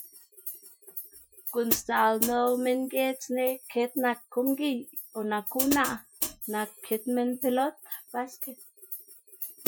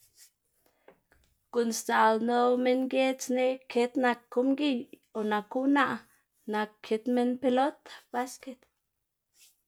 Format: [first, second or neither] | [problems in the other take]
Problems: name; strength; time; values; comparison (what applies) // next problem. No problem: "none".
second | noise reduction (classical method Wiener filter)